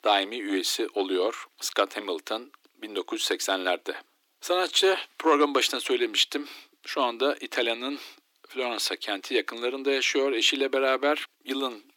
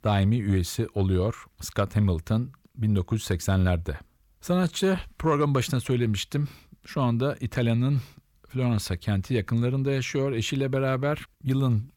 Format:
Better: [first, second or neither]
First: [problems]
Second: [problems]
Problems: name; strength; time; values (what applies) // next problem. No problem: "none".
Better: second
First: thin; very; fading below 300 Hz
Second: none